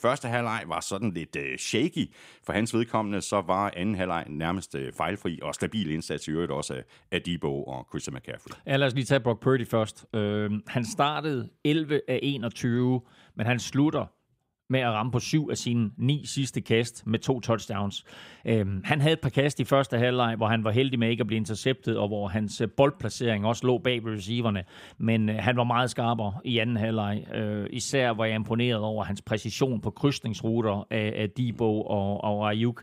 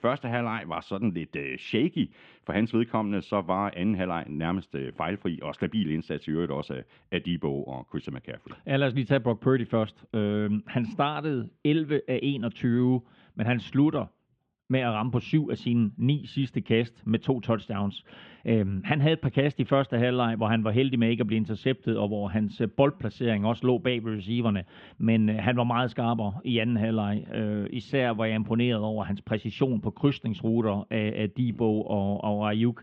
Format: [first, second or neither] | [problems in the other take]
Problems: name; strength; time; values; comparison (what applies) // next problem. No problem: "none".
first | muffled; very; fading above 3 kHz